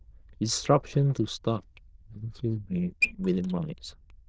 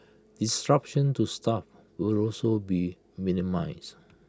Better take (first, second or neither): second